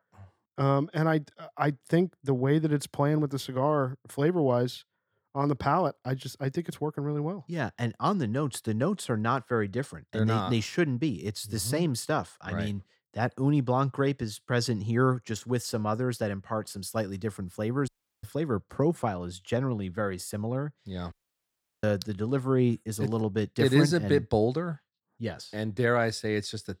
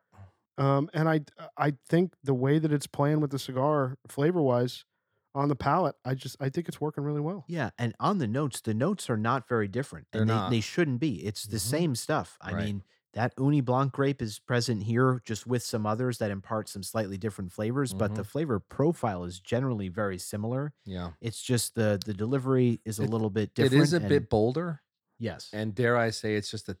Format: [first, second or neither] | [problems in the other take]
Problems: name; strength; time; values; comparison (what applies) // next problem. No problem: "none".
second | audio cutting out; at 18 s and at 21 s for 0.5 s